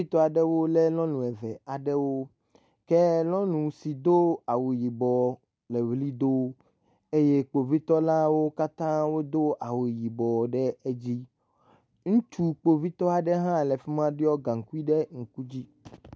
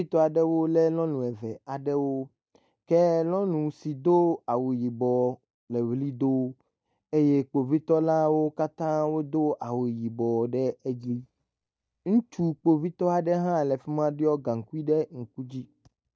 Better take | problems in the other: first | noise reduction (neural mask model DeepFilterNet 3)

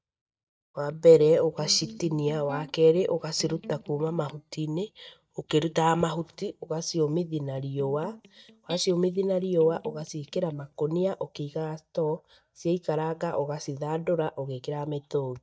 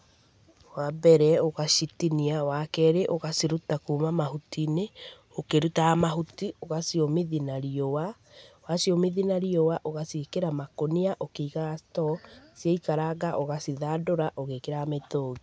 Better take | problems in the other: second | noise reduction (neural mask model DeepFilterNet 3)

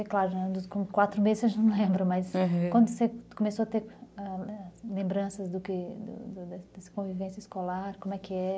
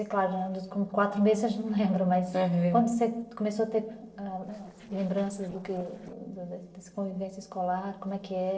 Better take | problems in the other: first | noise reduction (neural separator model SepFormer DNS4)

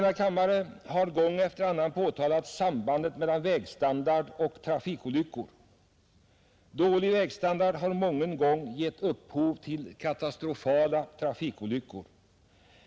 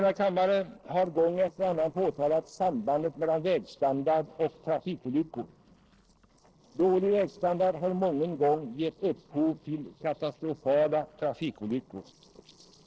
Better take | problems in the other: first | noise reduction (neural separator model SepFormer DNS4)

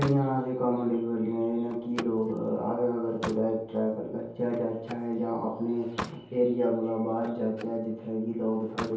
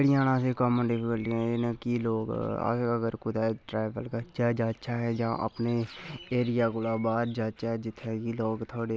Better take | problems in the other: second | background sound (Slam); 14 dB below the speech // room echo; dies away in 0.7 s

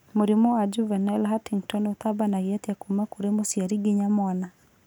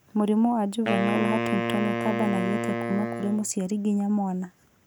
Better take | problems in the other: first | background sound (Wind instrument, woodwind instrument); 3 dB below the speech

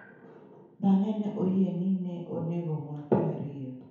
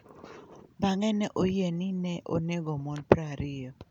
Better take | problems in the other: second | room echo; dies away in 0.9 s

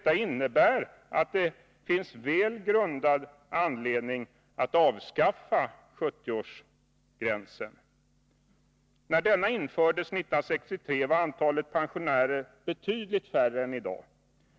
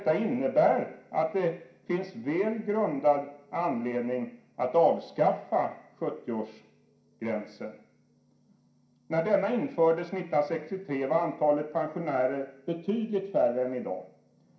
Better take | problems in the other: first | room echo; dies away in 0.5 s

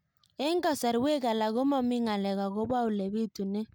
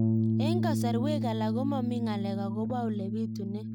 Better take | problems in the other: first | background sound (Bass guitar); 4 dB above the speech

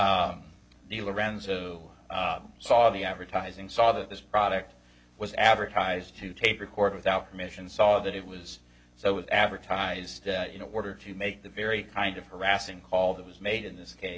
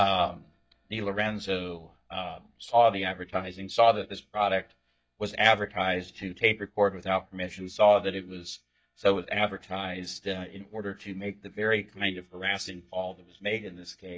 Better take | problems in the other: first | noise reduction (neural mask model DeepFilterNet 3)

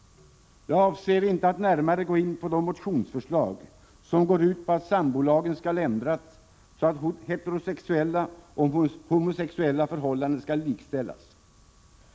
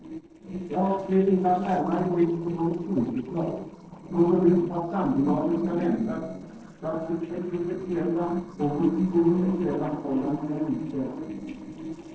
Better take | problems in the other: first | noise reduction (neural separator model SepFormer DNS4)

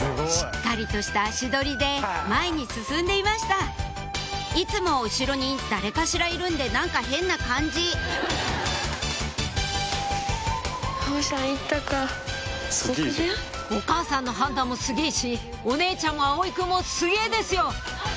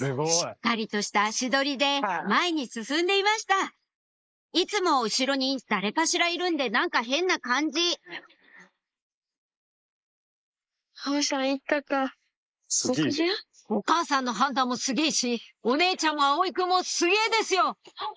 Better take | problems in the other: first | noise reduction (neural mask model Resemble Enhance denoiser)

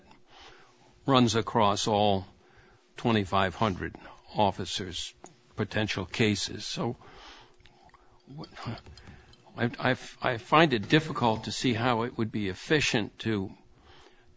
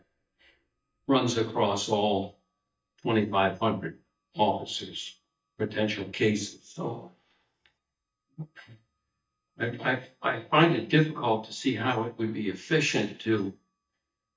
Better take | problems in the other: first | noise reduction (neural mask model DeepFilterNet 3)

